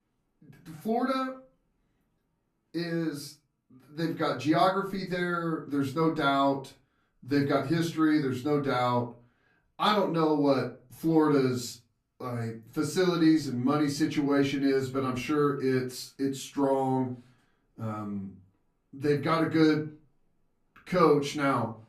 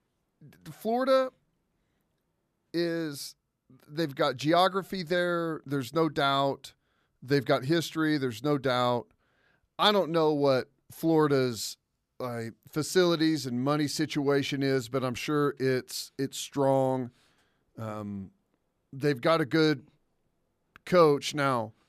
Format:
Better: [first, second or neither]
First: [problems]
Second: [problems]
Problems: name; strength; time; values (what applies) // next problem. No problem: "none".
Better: second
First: off-mic speech; far // room echo; slight; dies away in 0.3 s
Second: none